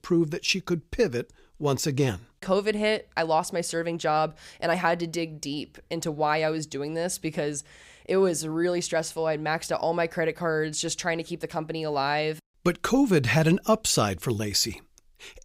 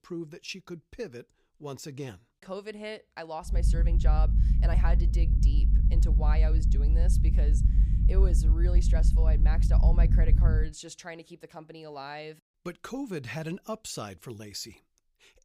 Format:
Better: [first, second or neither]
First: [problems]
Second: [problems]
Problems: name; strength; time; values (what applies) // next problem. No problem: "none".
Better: first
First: none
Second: low rumble; loud; from 3.5 to 11 s; 4 dB below the speech